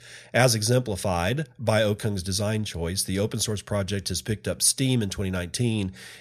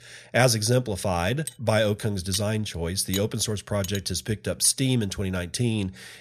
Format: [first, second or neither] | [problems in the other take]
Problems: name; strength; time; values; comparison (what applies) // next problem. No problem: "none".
first | clattering dishes; noticeable; from 1.5 to 4.5 s; peak 9 dB below the speech